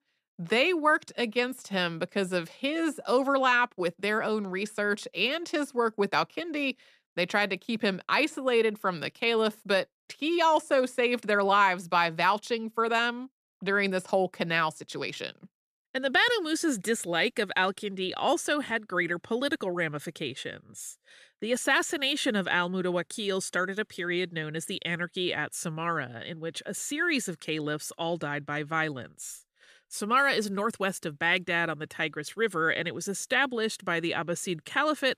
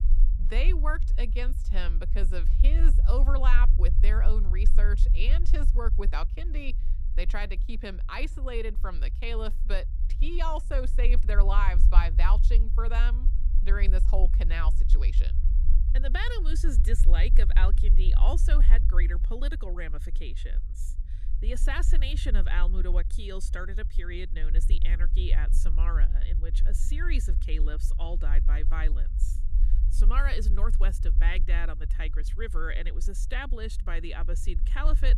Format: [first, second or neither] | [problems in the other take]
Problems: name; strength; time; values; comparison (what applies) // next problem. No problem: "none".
first | low rumble; noticeable; throughout; 15 dB below the speech